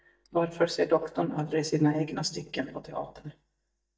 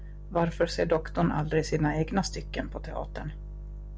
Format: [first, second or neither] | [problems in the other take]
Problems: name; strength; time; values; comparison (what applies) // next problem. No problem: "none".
second | noise reduction (neural mask model DeepFilterNet 3)